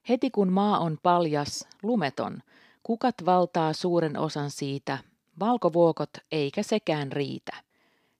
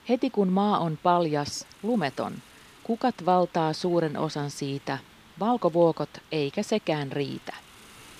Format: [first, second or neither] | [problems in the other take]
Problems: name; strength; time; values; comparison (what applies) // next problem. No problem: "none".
first | hiss; faint; throughout; 25 dB below the speech